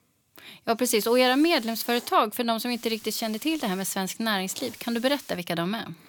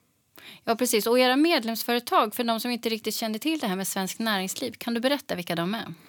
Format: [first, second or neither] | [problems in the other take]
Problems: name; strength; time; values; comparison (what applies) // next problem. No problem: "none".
second | hiss; faint; from 1 to 2 s, from 2.5 to 4 s and at 4.5 s; 20 dB below the speech